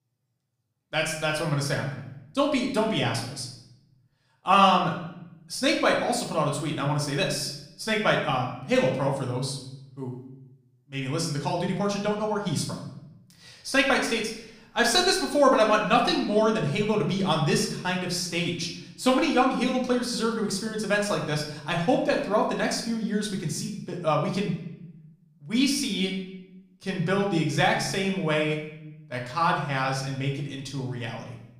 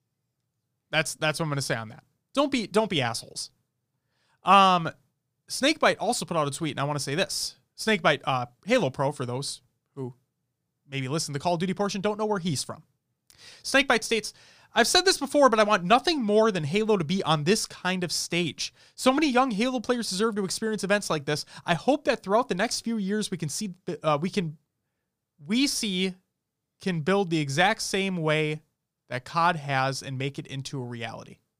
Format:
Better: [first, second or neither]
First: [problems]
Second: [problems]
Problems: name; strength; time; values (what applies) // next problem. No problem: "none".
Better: second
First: room echo; slight; dies away in 0.7 s // off-mic speech; far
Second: none